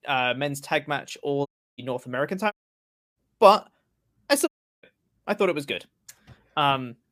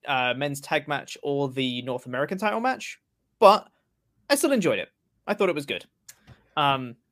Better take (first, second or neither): second